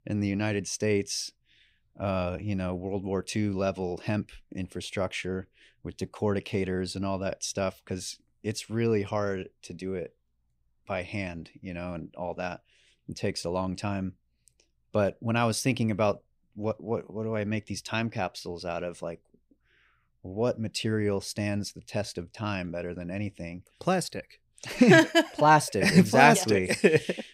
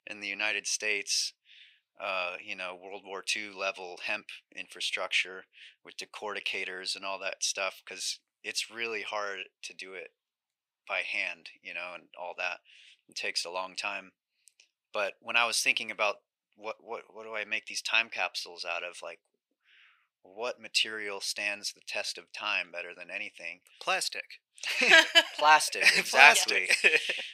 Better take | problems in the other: first | thin; very; fading below 850 Hz

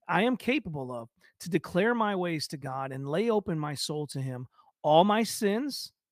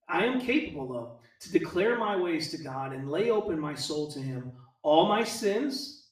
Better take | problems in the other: first | room echo; noticeable; dies away in 0.5 s // off-mic speech; far

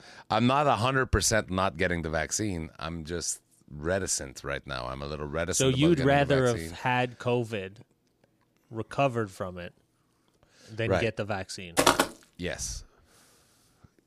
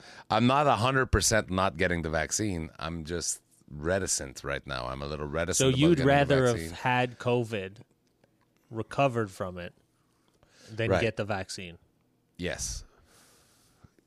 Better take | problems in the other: second | footsteps; loud; at 12 s; peak 5 dB above the speech

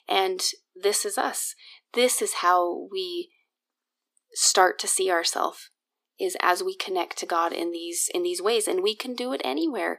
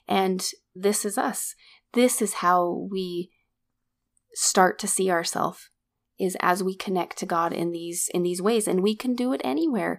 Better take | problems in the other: second | thin; somewhat; fading below 300 Hz

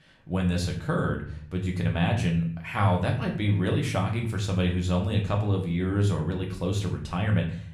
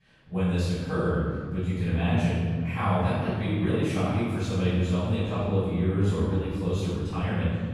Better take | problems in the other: first | room echo; strong; dies away in 2 s; slight in the first // off-mic speech; far; somewhat distant in the first

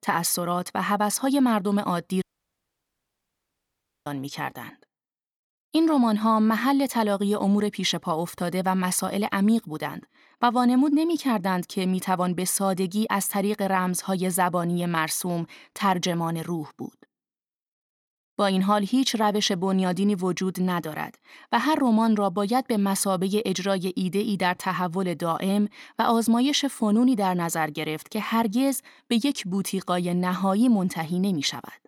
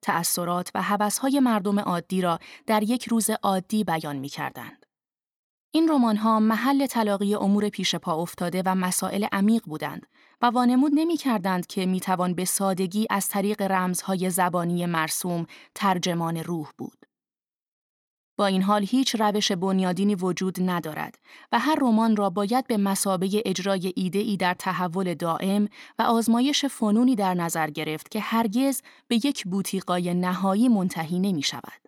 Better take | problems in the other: second | audio cutting out; at 2 s for 2 s

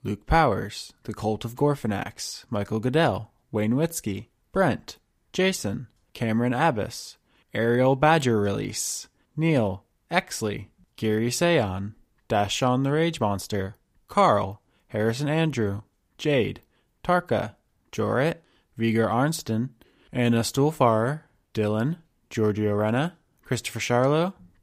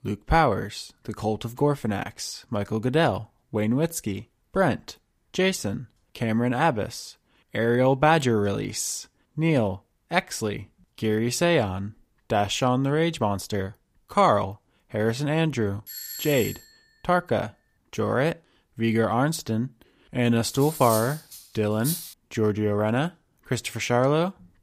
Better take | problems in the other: first | doorbell; noticeable; at 16 s; peak 7 dB below the speech // clattering dishes; noticeable; from 21 to 22 s; peak 5 dB below the speech

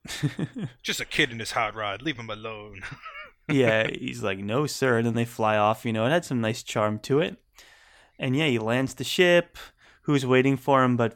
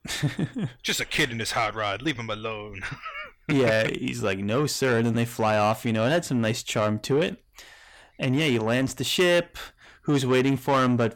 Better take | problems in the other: first | distortion; slight; 10 dB below the speech

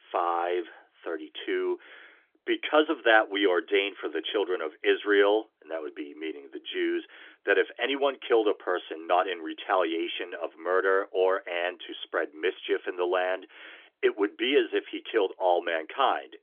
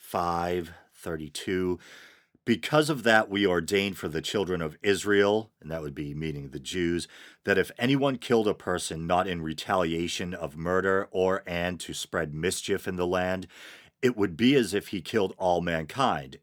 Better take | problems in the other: second | phone-call audio; nothing above 3.5 kHz

